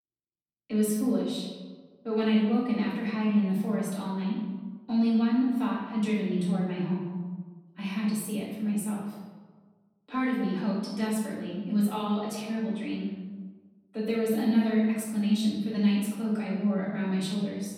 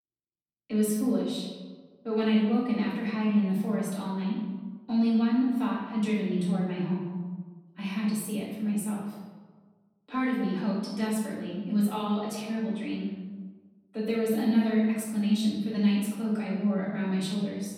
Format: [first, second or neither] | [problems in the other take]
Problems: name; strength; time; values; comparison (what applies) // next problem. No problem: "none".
neither | off-mic speech; far; the same in both // room echo; noticeable; dies away in 1.2 s; the same in both